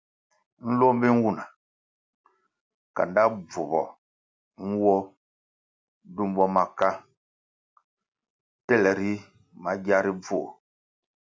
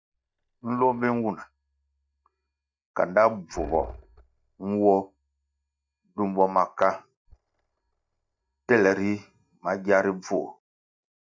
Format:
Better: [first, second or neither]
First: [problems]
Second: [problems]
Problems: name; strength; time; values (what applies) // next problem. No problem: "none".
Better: first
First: none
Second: noise reduction (neural mask model DeepFilterNet 3)